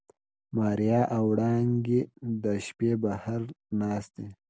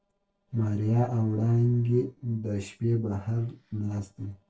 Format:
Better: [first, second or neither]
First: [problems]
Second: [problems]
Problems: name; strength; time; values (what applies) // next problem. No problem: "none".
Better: first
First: none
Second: noise reduction (neural separator model SepFormer DNS4)